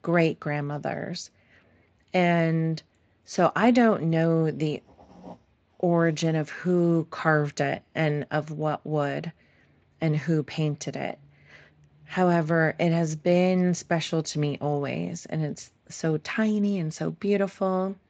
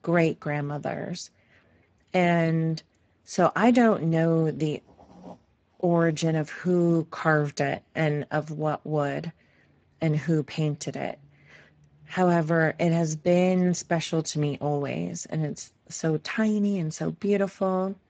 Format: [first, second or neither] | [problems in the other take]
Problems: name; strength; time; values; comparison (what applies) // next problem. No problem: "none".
first | garbled, watery; badly; nothing above 7.5 kHz; slightly in the first